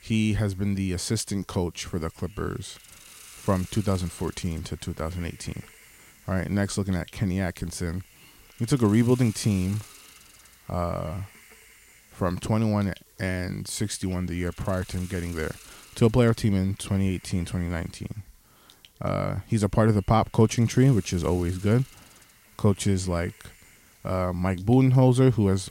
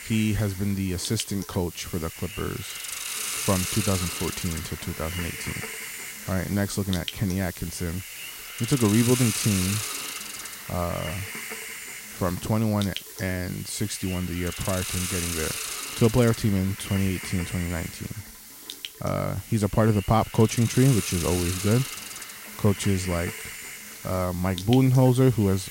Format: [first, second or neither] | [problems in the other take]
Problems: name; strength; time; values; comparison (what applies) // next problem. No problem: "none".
first | hiss; loud; throughout; 7 dB below the speech; faint in the first